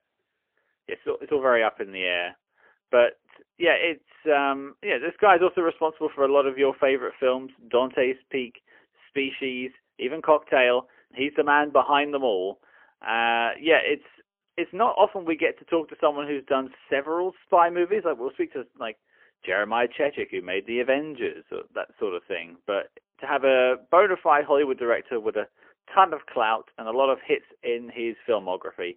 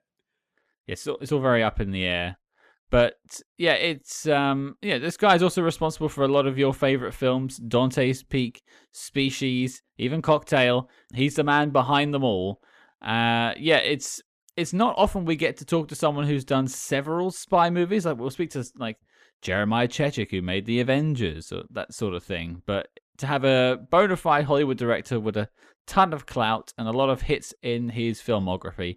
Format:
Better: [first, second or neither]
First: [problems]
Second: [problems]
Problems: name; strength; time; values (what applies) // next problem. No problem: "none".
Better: second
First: phone-call audio; poor line; nothing above 3 kHz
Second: none